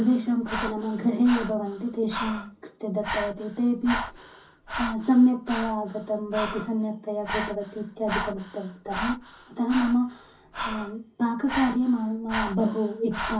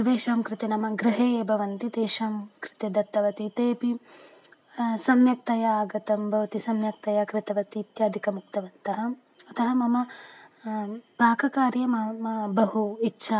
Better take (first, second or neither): second